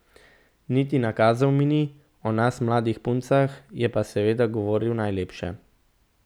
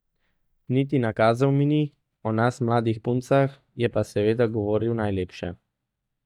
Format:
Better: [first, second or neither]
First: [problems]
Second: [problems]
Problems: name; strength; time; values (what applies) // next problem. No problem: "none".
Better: first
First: none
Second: noise reduction (neural mask model DeepFilterNet 3)